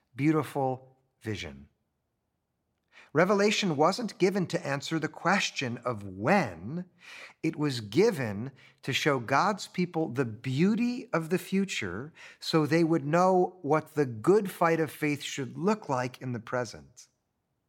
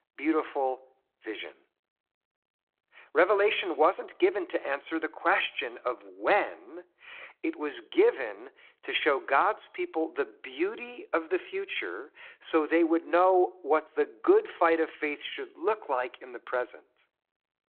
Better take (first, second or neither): first